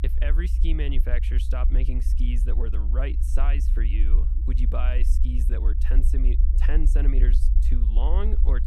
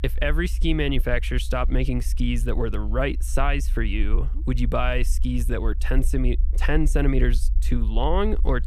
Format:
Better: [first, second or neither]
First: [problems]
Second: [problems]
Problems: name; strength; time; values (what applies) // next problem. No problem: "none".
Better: second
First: low rumble; loud; throughout; 8 dB below the speech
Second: low rumble; faint; throughout; 20 dB below the speech